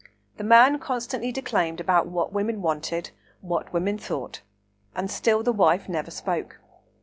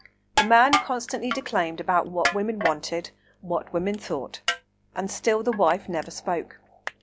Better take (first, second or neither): first